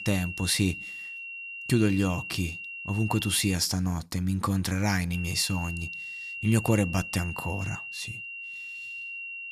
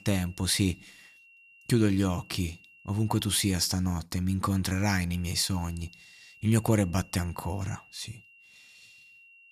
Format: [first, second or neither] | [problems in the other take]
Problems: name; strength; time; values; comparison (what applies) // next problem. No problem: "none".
second | high-pitched whine; loud; until 3.5 s and from 5 s on; 3 kHz, 8 dB below the speech; faint in the second